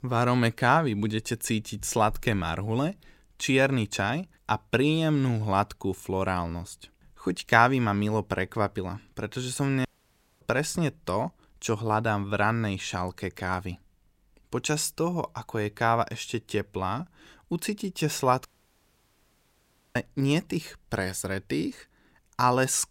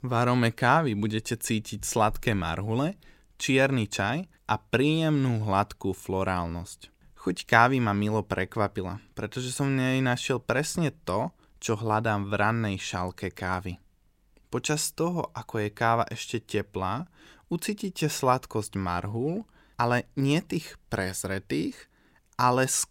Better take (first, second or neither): second